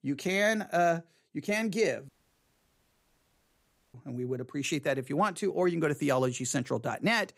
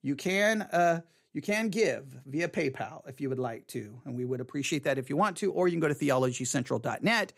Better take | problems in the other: second | audio cutting out; at 2 s for 2 s

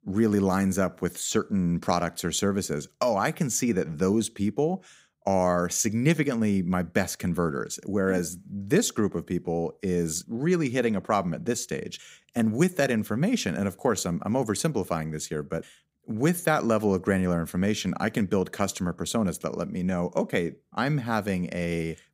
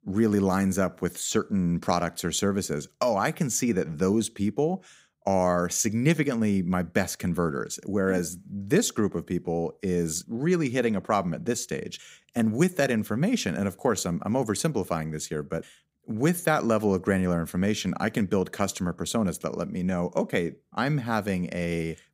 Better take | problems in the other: neither | none

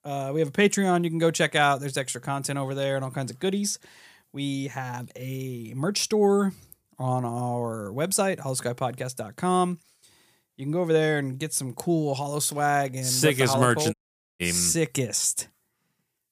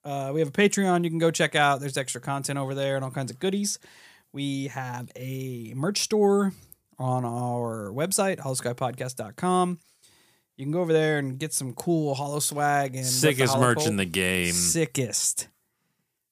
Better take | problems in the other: second | audio cutting out; at 14 s

